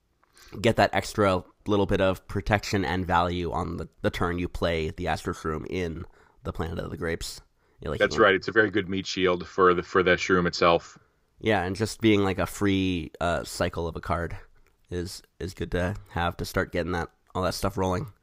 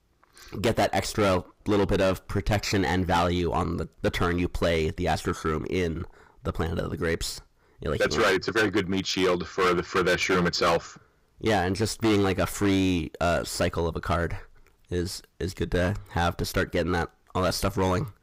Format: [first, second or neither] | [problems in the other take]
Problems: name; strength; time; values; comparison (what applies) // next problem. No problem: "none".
first | distortion; heavy; 10% of the sound clipped